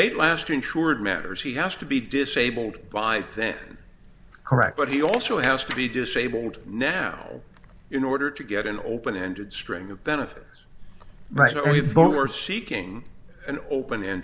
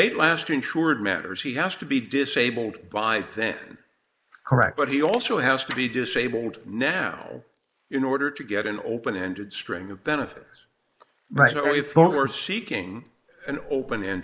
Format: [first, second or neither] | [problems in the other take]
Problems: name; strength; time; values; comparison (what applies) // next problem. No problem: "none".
first | noise reduction (neural mask model Resemble Enhance denoiser)